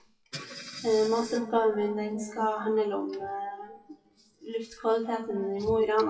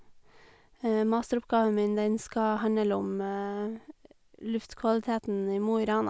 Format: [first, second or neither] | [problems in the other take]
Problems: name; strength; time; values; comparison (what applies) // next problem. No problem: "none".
second | noise reduction (classical method WPE with log-MMSE)